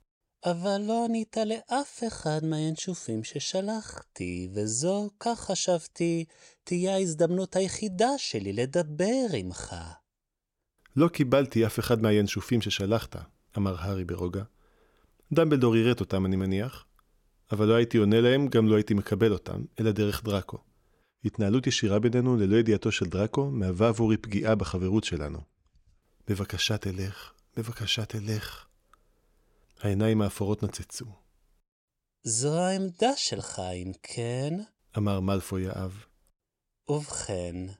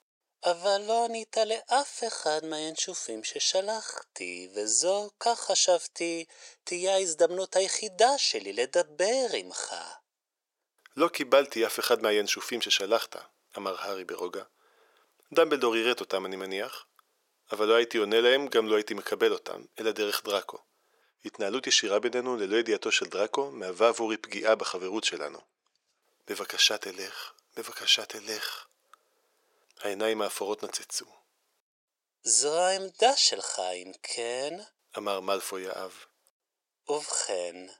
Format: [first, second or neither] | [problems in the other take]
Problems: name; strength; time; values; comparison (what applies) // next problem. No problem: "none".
first | thin; very; fading below 500 Hz